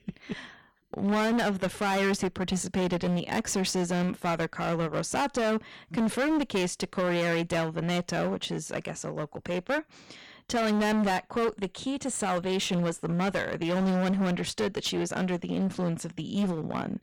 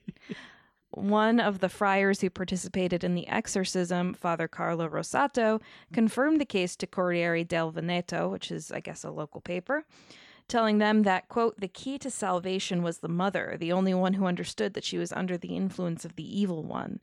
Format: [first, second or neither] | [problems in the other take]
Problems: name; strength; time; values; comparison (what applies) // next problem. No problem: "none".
second | distortion; heavy; 18% of the sound clipped